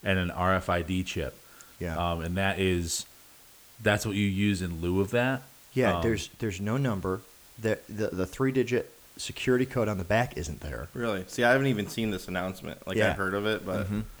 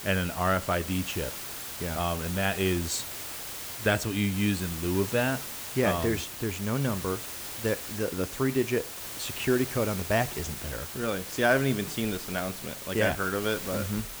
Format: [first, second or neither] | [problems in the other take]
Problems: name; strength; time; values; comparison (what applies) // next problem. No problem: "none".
first | hiss; loud; throughout; 7 dB below the speech; faint in the first